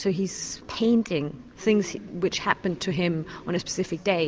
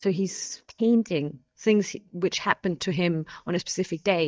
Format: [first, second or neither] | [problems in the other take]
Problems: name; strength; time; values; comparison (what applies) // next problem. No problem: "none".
first | noise reduction (neural mask model DeepFilterNet 3)